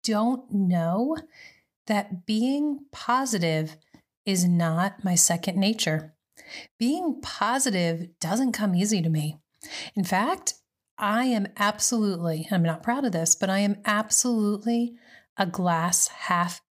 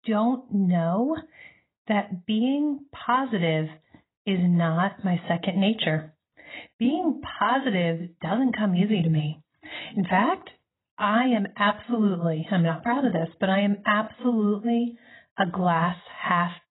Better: first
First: none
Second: garbled, watery; badly; nothing above 3.5 kHz

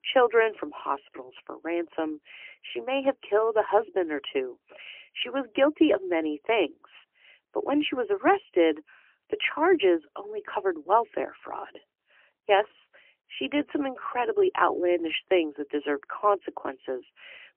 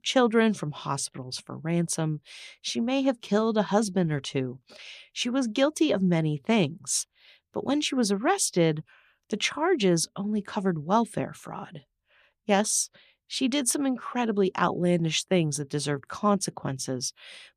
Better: second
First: phone-call audio; poor line; nothing above 3 kHz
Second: none

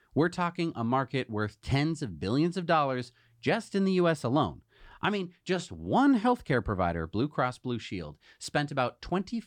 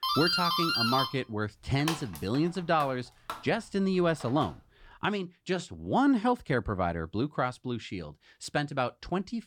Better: first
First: none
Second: doorbell; loud; until 4.5 s; peak 4 dB above the speech

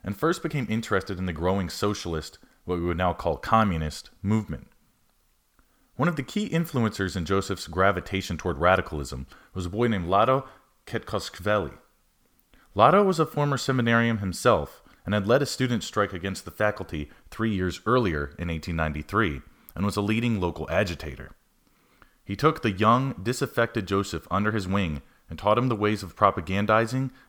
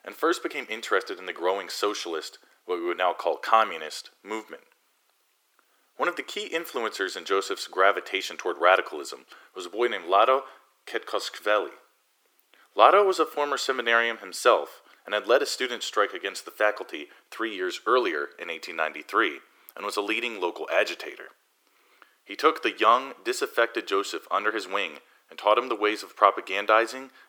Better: first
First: none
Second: thin; very; fading below 350 Hz

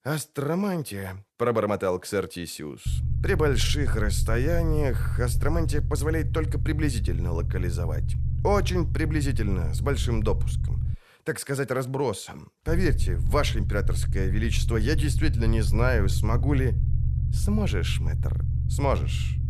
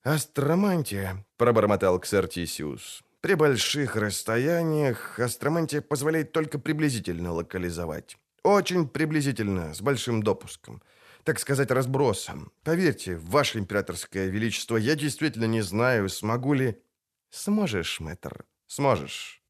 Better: second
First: low rumble; noticeable; from 3 to 11 s and from 13 s on; 10 dB below the speech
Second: none

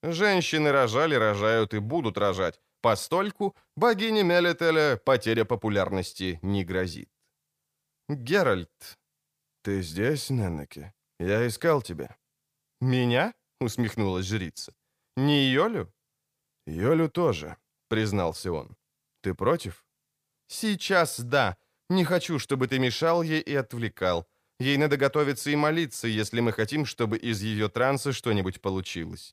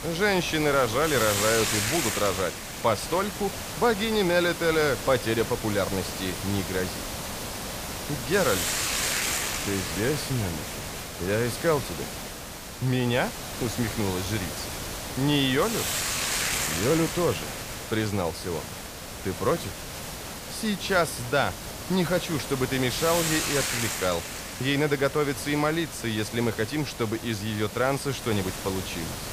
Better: first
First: none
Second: hiss; loud; throughout; 4 dB below the speech

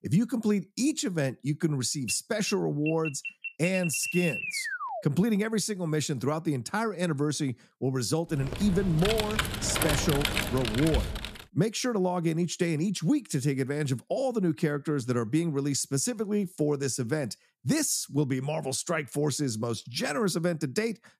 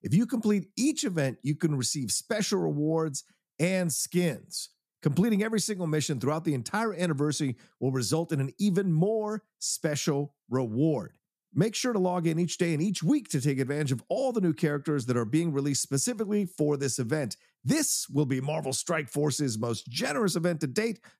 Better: second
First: alarm; noticeable; from 2 to 5 s; peak 2 dB below the speech // keyboard typing; loud; from 8.5 to 11 s; peak 1 dB above the speech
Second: none

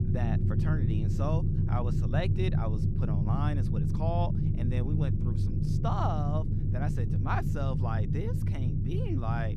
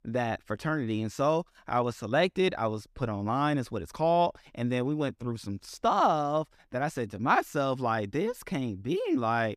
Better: second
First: low rumble; loud; throughout; 3 dB below the speech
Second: none

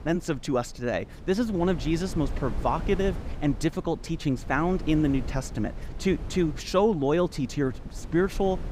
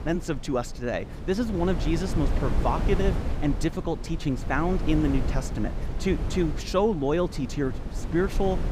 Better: first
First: wind noise on the microphone; occasional gusts; 15 dB below the speech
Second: wind noise on the microphone; heavy; 10 dB below the speech

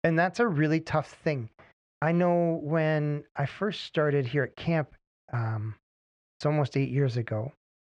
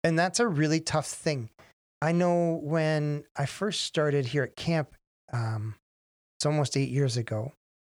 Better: second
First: muffled; slightly; fading above 2.5 kHz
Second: none

